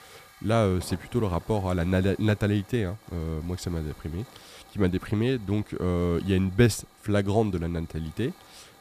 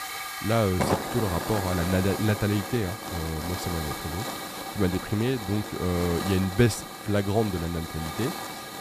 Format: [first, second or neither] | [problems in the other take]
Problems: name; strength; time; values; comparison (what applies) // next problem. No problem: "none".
first | hiss; loud; throughout; 5 dB below the speech; faint in the first